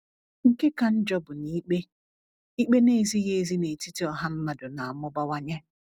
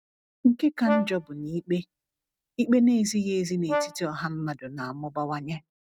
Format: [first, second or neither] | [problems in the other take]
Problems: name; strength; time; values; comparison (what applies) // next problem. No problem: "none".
first | noise reduction (neural mask model RNNoise)